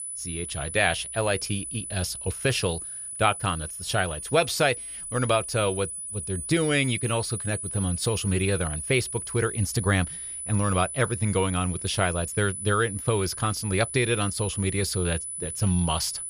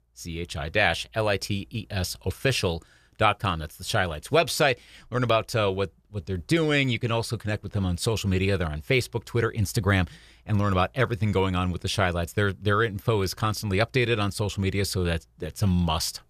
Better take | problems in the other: second | high-pitched whine; loud; throughout; 10 kHz, 6 dB below the speech

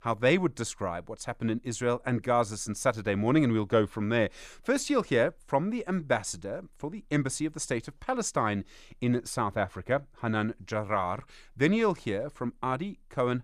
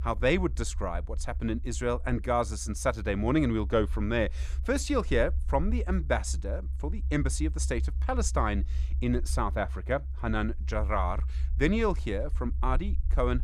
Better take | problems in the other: first | low rumble; faint; throughout; 25 dB below the speech

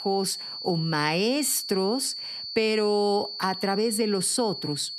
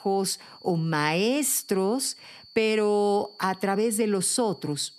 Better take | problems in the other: second | high-pitched whine; loud; throughout; 4.5 kHz, 7 dB below the speech; faint in the second

